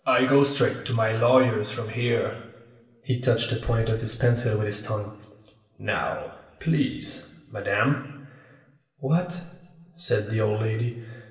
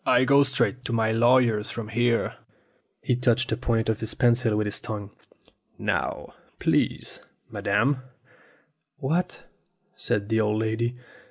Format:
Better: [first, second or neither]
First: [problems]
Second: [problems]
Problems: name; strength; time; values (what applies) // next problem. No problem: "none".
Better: second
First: room echo; dies away in 1 s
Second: none